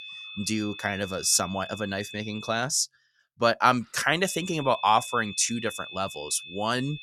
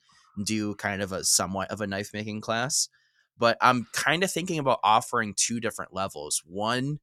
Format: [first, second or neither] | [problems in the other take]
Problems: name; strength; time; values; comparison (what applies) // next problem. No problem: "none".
second | high-pitched whine; noticeable; until 2.5 s and from 4 s on; 3.5 kHz, 15 dB below the speech